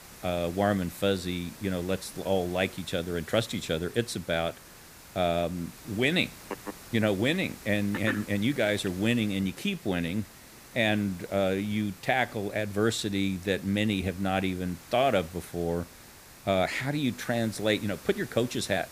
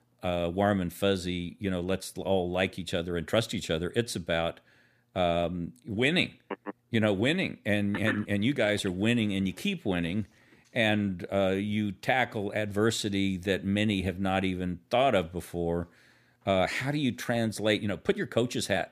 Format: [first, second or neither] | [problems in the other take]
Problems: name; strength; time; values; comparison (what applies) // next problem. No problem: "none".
second | hiss; noticeable; throughout; 20 dB below the speech